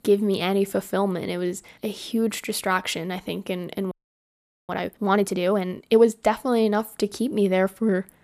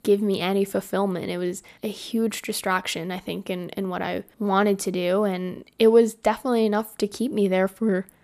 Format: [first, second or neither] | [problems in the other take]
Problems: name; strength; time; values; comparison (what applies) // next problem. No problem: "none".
second | audio freezing; at 4 s for 1 s